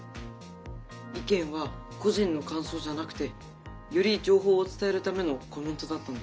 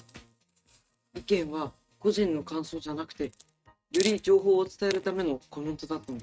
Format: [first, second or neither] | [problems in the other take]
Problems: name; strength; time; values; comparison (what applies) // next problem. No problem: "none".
first | noise reduction (neural mask model RNNoise)